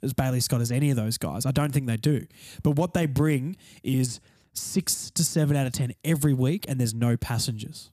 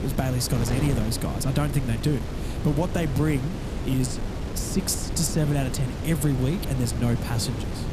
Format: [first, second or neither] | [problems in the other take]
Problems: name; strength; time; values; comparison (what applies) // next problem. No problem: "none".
first | wind noise on the microphone; heavy; 6 dB below the speech